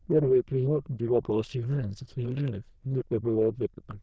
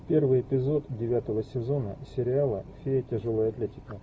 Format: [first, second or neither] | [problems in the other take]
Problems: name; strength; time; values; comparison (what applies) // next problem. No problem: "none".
second | noise reduction (neural diffusion model UNIVERSE++)